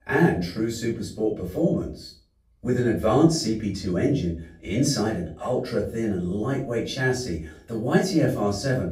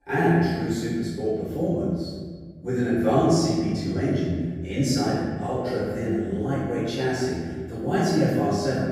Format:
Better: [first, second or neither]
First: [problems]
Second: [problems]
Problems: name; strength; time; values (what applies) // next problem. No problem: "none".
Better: first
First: room echo; slight; dies away in 0.3 s // off-mic speech; far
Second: room echo; strong; dies away in 1.6 s // off-mic speech; far